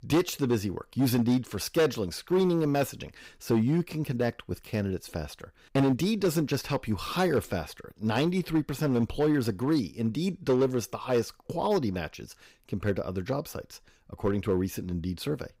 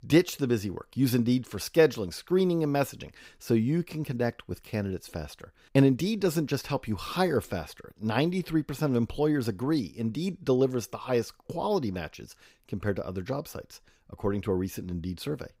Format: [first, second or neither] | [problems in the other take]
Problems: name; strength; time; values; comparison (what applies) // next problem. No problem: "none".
second | distortion; slight; 4% of the sound clipped